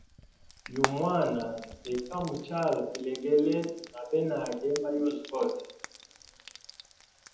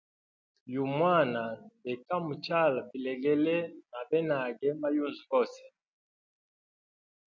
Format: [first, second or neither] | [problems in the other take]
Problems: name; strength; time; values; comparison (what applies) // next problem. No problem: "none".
second | background sound (Frying (food)); 11 dB below the speech // room echo; dies away in 0.7 s